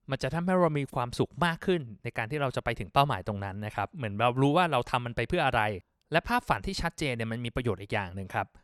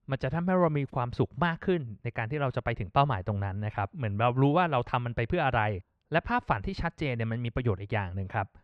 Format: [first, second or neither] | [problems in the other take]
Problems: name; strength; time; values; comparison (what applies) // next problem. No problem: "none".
first | muffled; slightly; fading above 2.5 kHz